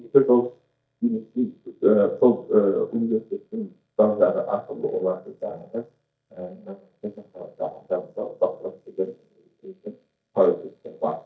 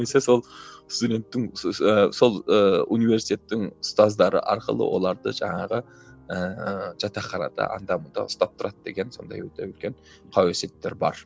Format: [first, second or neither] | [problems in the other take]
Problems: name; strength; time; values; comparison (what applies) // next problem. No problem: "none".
second | noise reduction (neural mask model DeepFilterNet 3)